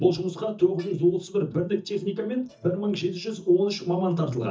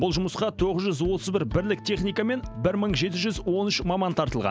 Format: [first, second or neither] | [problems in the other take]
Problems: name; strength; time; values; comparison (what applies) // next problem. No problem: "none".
second | noise reduction (neural mask model DeepFilterNet 3)